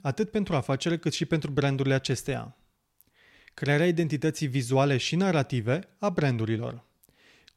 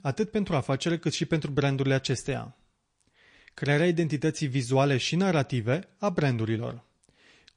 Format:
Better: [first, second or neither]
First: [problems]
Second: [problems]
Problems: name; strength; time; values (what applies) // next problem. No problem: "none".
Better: first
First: none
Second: garbled, watery; slightly; nothing above 10 kHz